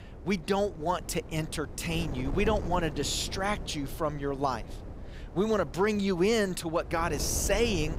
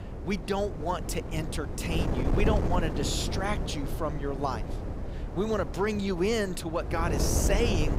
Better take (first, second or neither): first